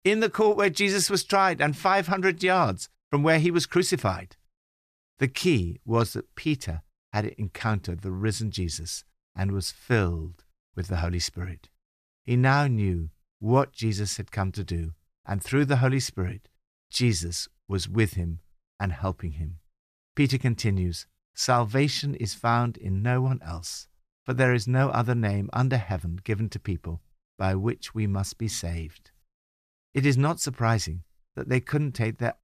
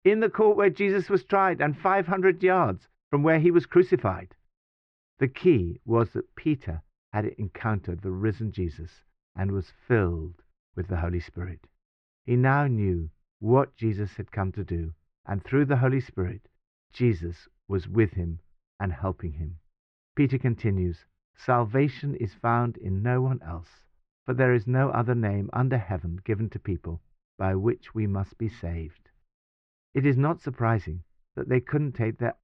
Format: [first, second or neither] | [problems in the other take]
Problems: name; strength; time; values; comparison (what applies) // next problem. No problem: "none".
first | muffled; very; fading above 2 kHz